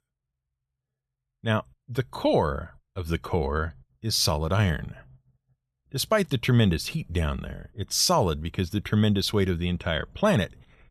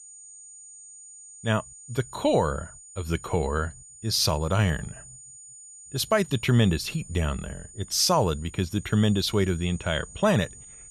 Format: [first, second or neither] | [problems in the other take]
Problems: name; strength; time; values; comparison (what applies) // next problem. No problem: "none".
first | high-pitched whine; noticeable; throughout; 7 kHz, 20 dB below the speech